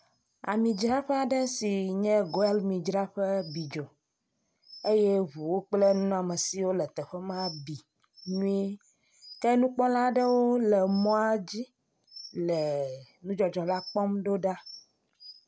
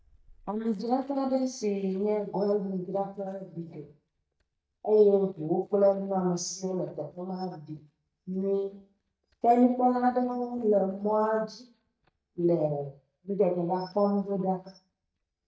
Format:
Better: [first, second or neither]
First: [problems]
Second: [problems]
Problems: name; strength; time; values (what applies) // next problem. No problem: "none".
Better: first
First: none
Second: noise reduction (neural mask model DeepFilterNet 3)